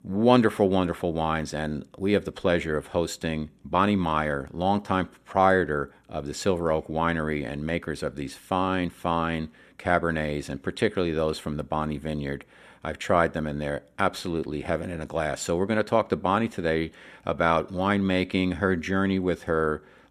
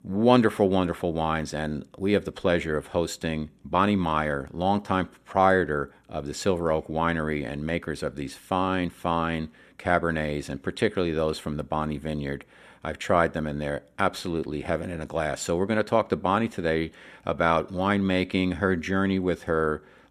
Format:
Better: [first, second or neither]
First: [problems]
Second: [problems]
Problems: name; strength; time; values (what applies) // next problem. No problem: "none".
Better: neither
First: none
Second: none